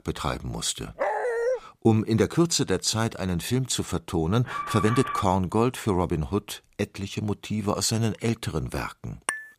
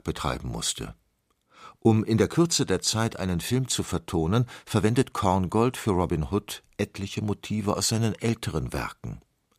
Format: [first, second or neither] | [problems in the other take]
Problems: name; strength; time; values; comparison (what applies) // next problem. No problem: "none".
second | dog barking; noticeable; at 1 s; peak level with the speech // alarm; noticeable; at 4.5 s; peak 4 dB below the speech // clattering dishes; noticeable; at 9.5 s; peak 5 dB below the speech